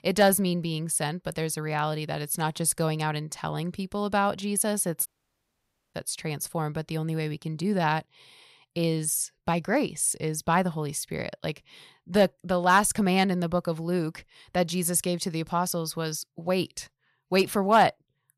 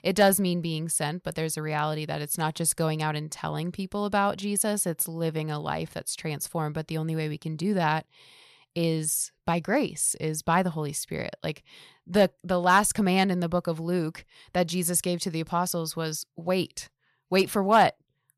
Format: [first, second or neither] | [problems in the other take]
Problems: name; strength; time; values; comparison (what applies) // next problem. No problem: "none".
second | audio cutting out; at 5 s for 1 s